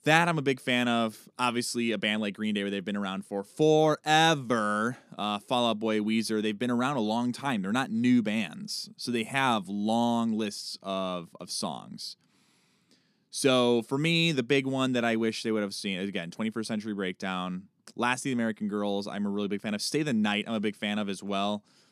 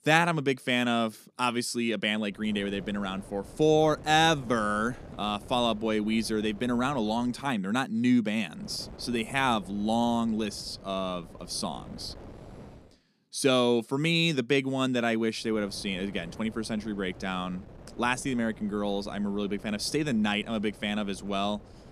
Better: first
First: none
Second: wind noise on the microphone; occasional gusts; from 2.5 to 7.5 s, from 8.5 to 13 s and from 16 s on; 20 dB below the speech

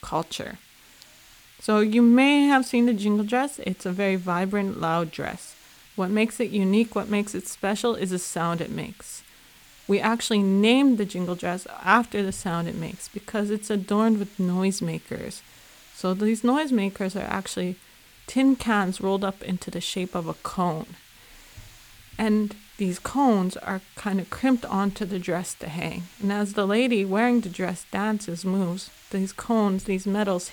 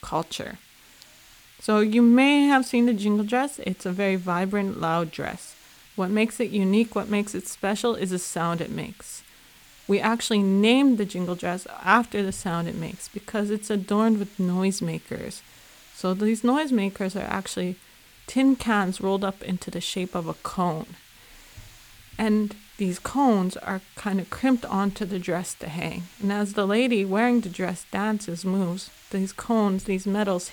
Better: neither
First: hiss; faint; throughout; 25 dB below the speech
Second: hiss; faint; throughout; 25 dB below the speech

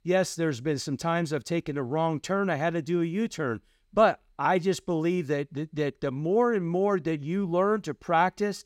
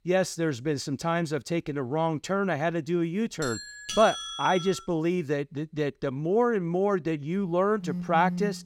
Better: first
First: none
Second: doorbell; noticeable; from 3.5 to 5 s; peak 5 dB below the speech // phone ringing; noticeable; at 8 s; peak 5 dB below the speech

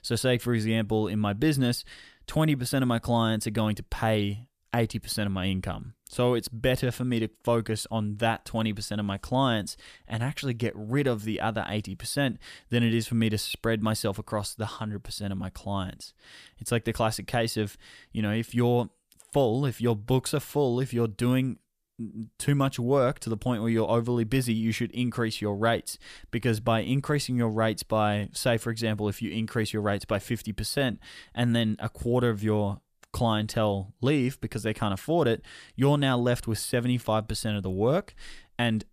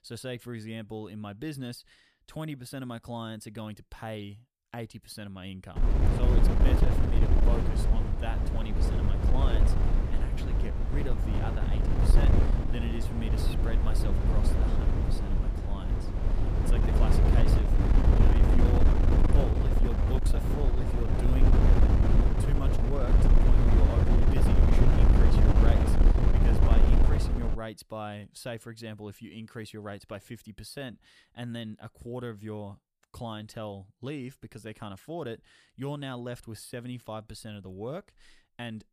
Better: first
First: none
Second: wind noise on the microphone; heavy; from 6 to 28 s; 5 dB above the speech

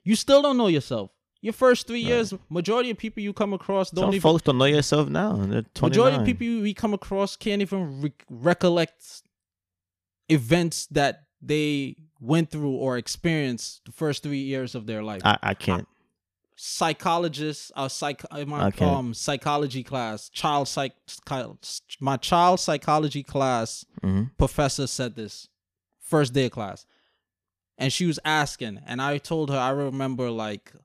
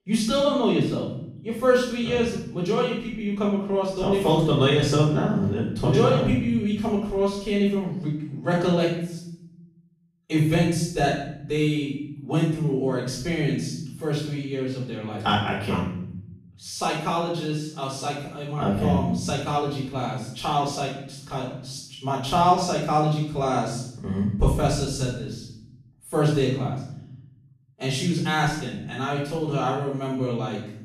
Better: first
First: none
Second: off-mic speech; far // room echo; noticeable; dies away in 0.9 s

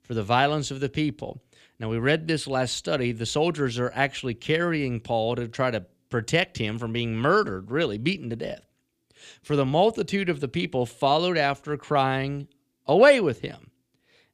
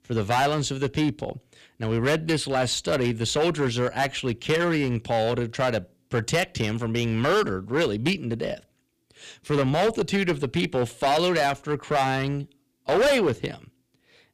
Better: first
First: none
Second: distortion; heavy; 9% of the sound clipped

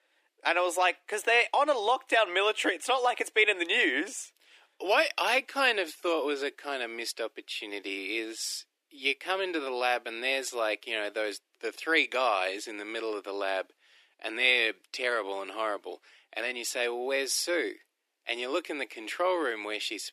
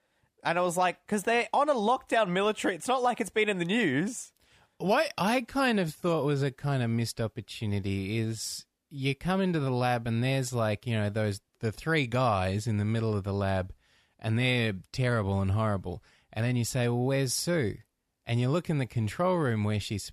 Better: second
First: thin; very; fading below 300 Hz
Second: none

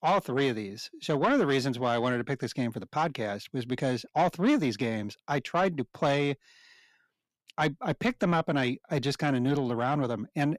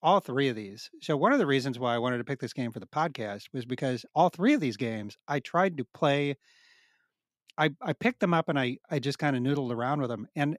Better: second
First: distortion; slight; 10 dB below the speech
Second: none

